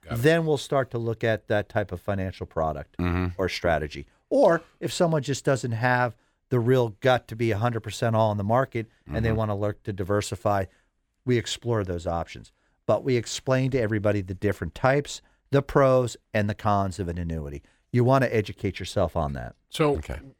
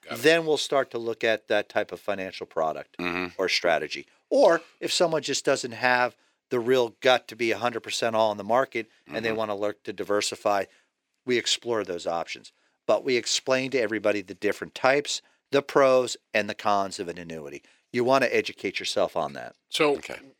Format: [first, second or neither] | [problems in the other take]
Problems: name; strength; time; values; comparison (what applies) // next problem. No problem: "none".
first | thin; somewhat; fading below 350 Hz